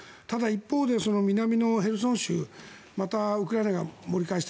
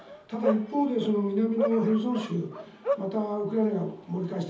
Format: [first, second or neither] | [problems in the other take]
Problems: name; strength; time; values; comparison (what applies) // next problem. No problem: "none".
first | background sound (Bark); 8 dB below the speech // room echo; dies away in 0.7 s